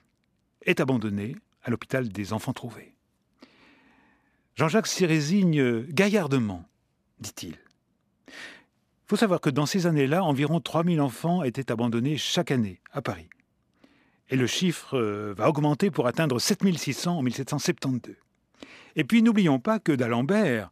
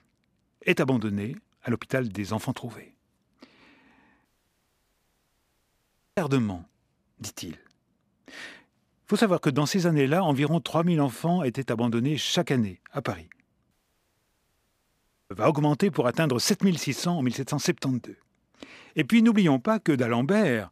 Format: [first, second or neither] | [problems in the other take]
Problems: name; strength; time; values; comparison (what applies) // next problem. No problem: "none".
first | audio cutting out; at 4.5 s for 2 s and at 14 s for 1.5 s